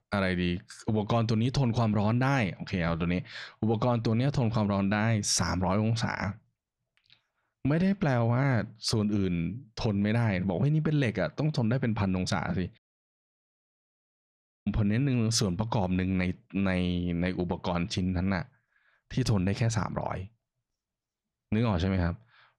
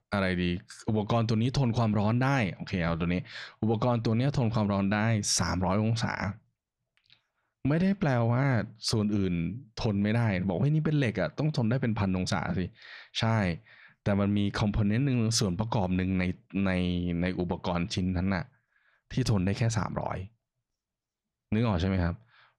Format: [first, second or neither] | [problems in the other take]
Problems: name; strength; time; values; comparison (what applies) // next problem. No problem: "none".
second | audio cutting out; at 13 s for 2 s